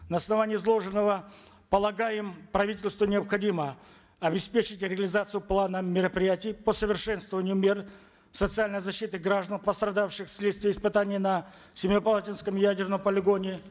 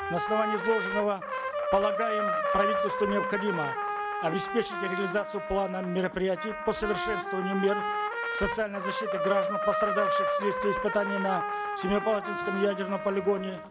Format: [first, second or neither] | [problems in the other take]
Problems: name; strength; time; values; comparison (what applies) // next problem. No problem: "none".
first | background sound (Trumpet); 1 dB below the speech